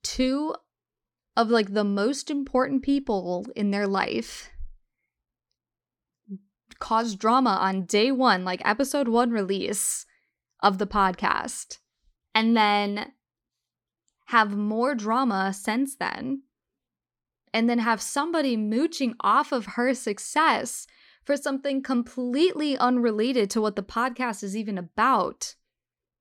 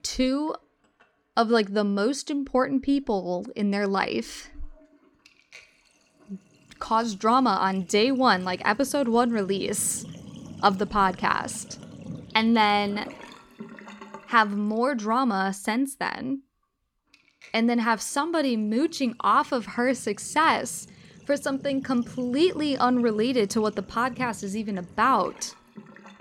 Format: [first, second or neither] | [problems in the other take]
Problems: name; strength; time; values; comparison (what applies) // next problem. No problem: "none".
first | household noises; faint; throughout; 20 dB below the speech